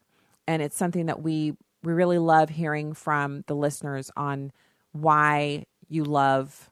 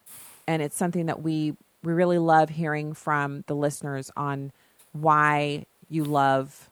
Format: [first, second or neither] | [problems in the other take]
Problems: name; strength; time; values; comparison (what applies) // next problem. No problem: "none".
first | hiss; faint; throughout; 30 dB below the speech